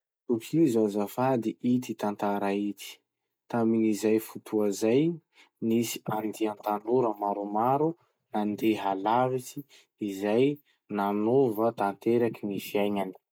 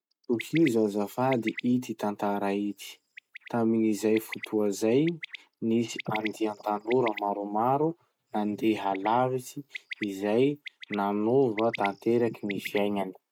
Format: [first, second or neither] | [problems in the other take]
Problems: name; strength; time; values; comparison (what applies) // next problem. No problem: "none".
first | noise reduction (neural mask model RNNoise)